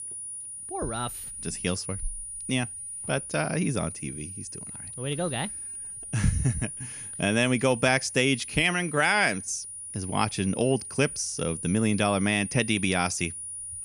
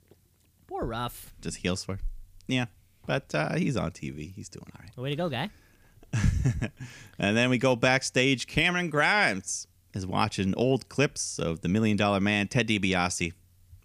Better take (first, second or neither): second